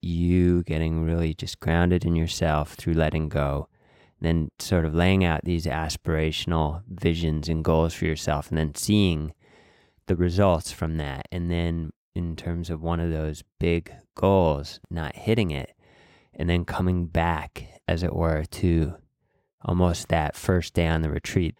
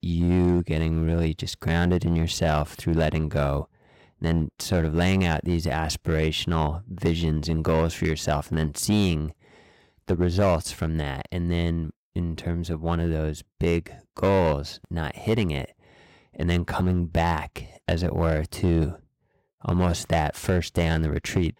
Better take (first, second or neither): first